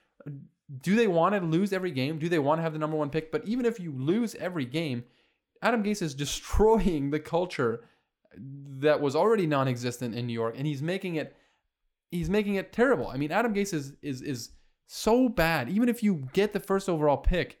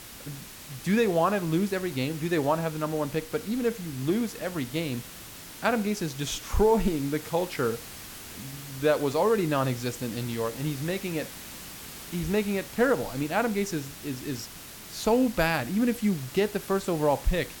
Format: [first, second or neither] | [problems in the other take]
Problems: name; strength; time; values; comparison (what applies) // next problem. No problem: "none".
first | hiss; noticeable; throughout; 15 dB below the speech